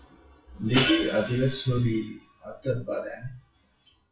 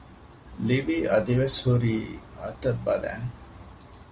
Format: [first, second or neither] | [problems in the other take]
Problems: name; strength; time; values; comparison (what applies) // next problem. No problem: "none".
second | noise reduction (classical method WPE with log-MMSE)